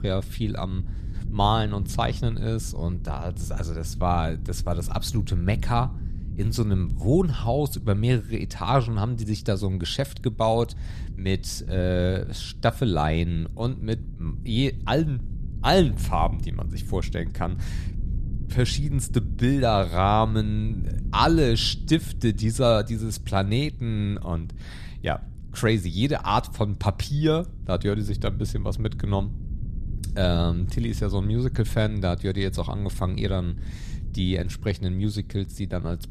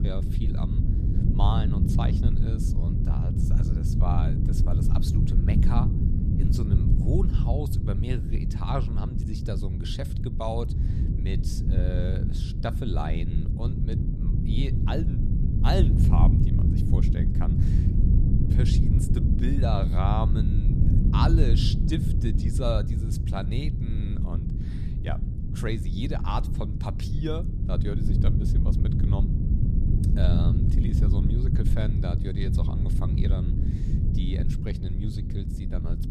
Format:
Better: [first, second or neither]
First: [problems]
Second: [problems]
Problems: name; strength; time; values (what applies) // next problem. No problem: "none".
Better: first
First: low rumble; faint; throughout; 20 dB below the speech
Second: low rumble; loud; throughout; 2 dB below the speech